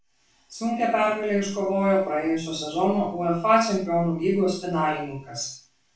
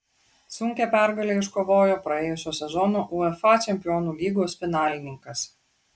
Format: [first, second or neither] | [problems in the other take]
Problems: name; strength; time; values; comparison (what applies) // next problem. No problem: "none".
second | room echo; dies away in 0.4 s